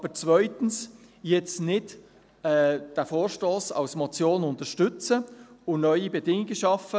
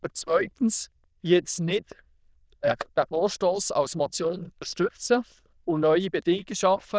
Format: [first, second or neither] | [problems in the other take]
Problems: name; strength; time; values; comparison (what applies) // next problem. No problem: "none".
first | noise reduction (neural diffusion model UNIVERSE++)